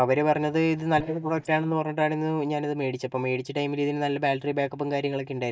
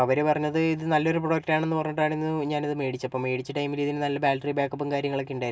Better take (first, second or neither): second